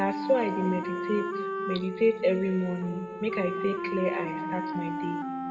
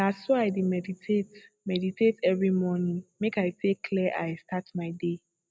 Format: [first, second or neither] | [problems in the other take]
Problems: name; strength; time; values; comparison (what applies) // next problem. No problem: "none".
second | background sound (Wind instrument, woodwind instrument); 4 dB below the speech // room echo; dies away in 2 s